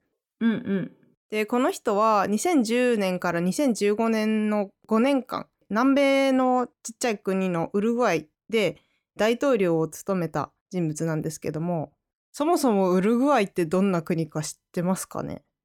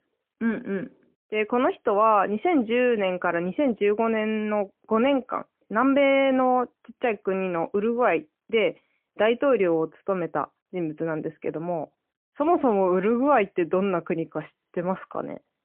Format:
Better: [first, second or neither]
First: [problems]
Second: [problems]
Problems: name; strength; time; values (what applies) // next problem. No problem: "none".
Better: first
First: none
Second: phone-call audio; poor line; nothing above 3 kHz